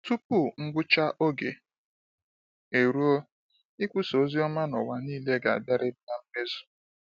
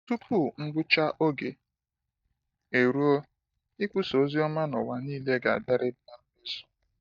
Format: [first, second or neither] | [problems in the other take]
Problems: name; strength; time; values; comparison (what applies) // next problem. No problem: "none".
first | noise reduction (neural mask model DeepFilterNet 3)